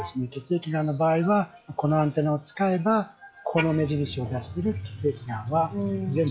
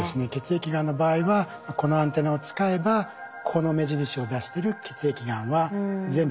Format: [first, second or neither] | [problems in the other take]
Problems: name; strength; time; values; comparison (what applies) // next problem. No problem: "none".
second | noise reduction (classical method log-MMSE)